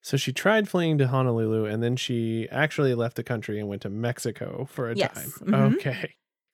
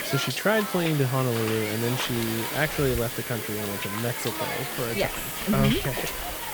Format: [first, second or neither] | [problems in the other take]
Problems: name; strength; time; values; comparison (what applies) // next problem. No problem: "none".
first | hiss; loud; throughout; 2 dB below the speech